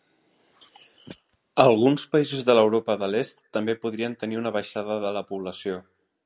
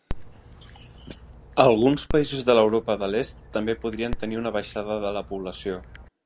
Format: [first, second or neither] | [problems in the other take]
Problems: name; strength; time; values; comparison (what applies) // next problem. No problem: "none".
first | background sound (Dog); 12 dB below the speech